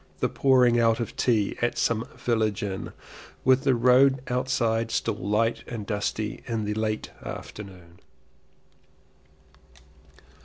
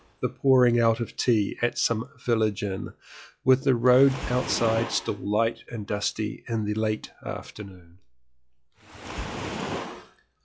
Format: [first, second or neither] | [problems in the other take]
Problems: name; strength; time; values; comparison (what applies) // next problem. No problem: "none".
first | noise reduction (classical method log-MMSE)